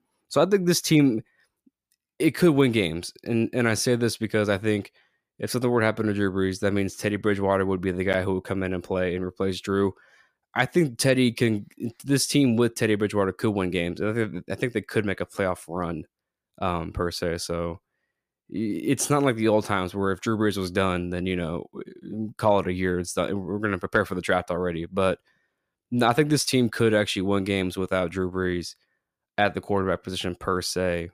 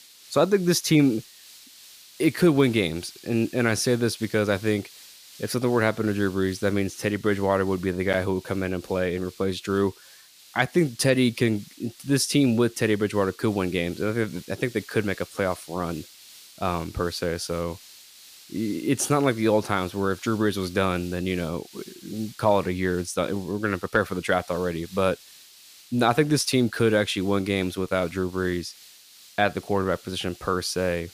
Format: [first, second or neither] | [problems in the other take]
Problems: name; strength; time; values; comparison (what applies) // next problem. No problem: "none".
first | hiss; faint; throughout; 20 dB below the speech